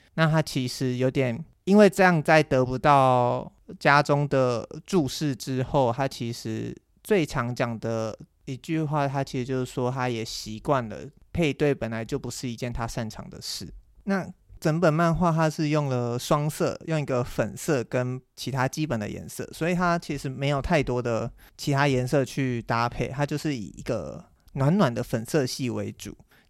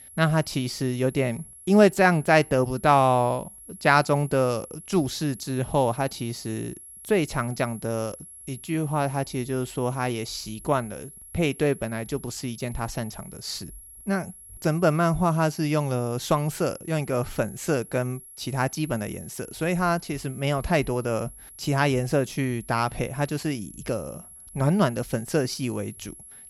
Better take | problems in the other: first | high-pitched whine; noticeable; throughout; 11 kHz, 15 dB below the speech

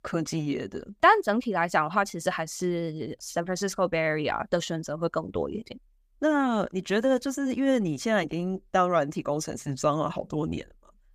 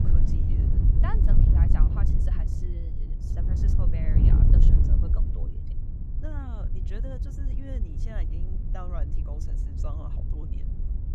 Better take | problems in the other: first | wind noise on the microphone; heavy; 3 dB above the speech

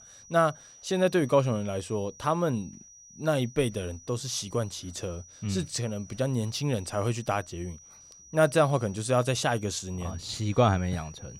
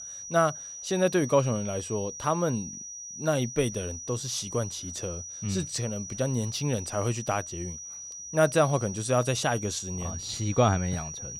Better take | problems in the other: first | high-pitched whine; loud; throughout; 6 kHz, 9 dB below the speech; faint in the first

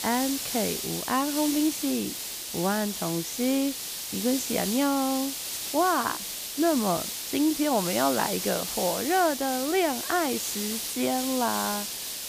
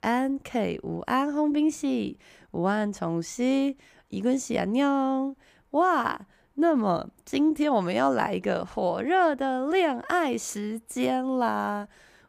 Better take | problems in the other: second | hiss; loud; throughout; 3 dB below the speech

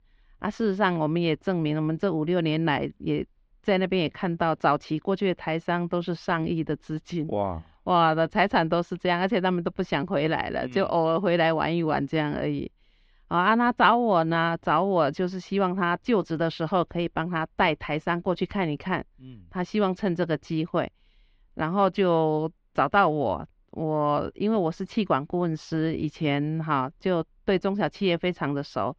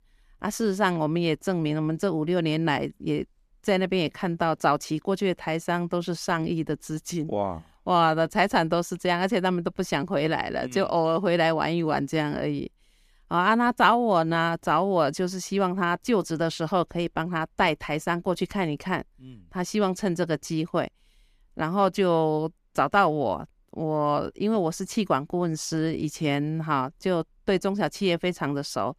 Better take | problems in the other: second | muffled; slightly; fading above 4 kHz

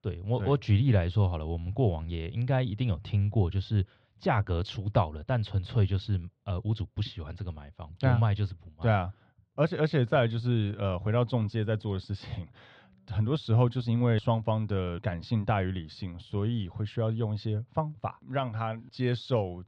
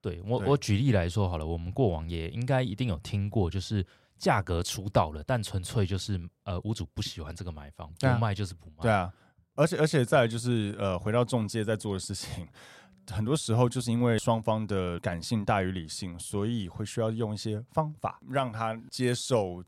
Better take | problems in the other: second | muffled; slightly; fading above 3.5 kHz

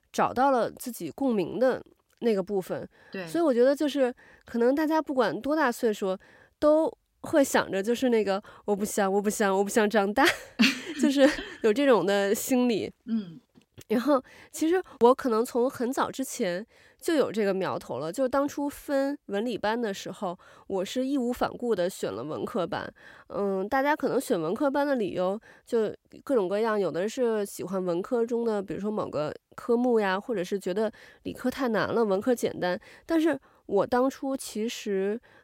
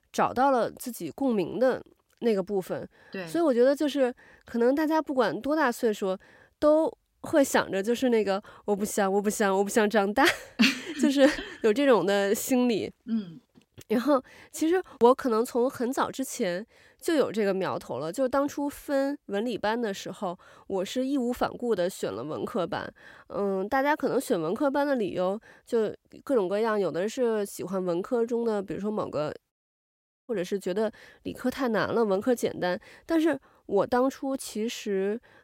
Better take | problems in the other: first | audio cutting out; at 30 s for 1 s

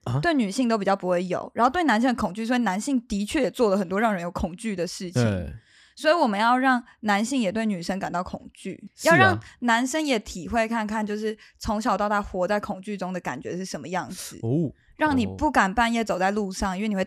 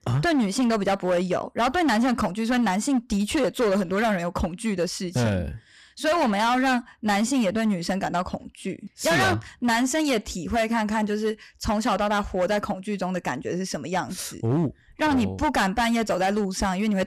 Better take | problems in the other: first | distortion; heavy; 13% of the sound clipped

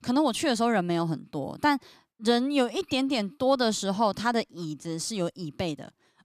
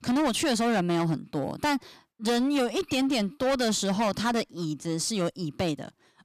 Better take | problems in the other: first | distortion; heavy; 16% of the sound clipped

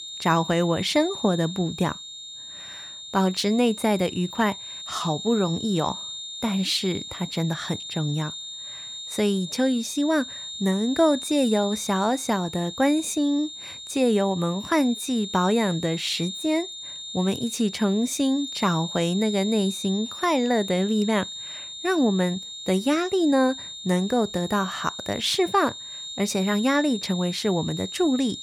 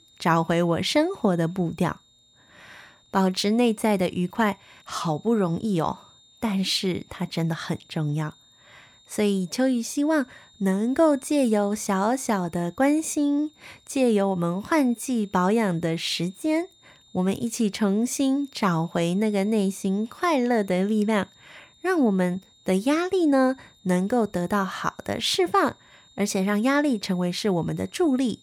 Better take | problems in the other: second | high-pitched whine; loud; throughout; 3.5 kHz, 9 dB below the speech; faint in the second

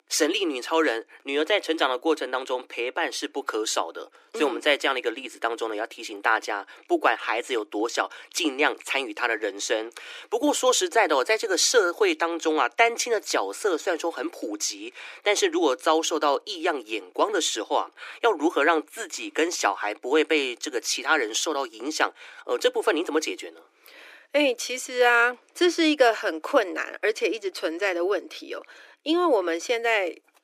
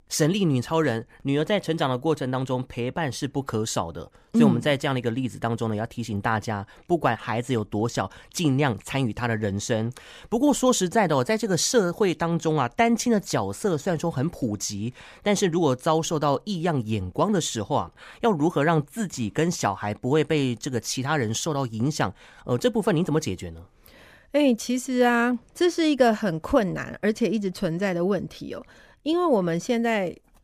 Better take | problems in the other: second | thin; very; fading below 300 Hz

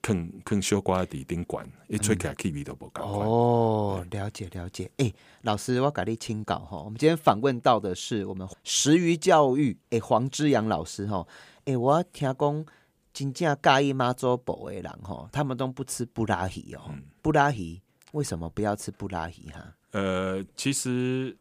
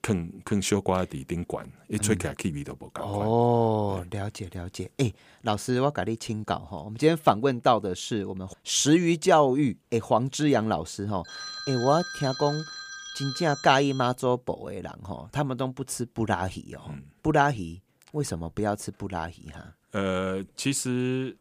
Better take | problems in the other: first | phone ringing; noticeable; from 11 to 14 s; peak 8 dB below the speech

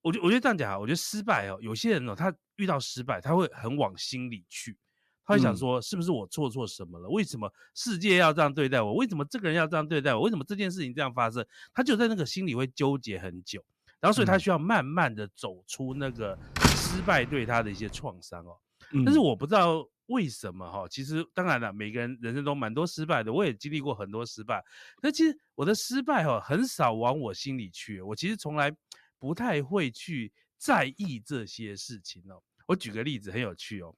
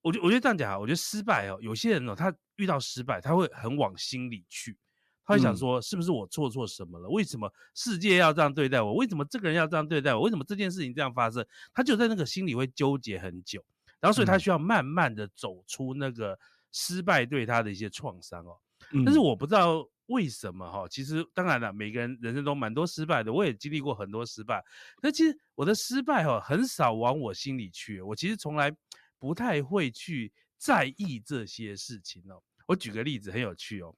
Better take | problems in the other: second | door banging; loud; at 17 s; peak 5 dB above the speech

